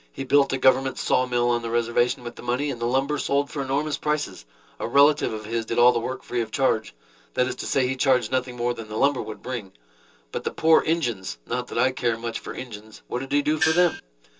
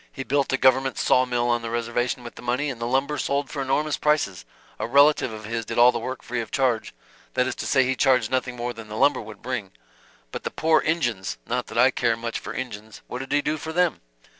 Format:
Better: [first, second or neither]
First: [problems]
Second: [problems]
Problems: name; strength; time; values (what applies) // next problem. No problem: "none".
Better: second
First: background sound (Gong); 3 dB below the speech // room echo; dies away in 0.2 s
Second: none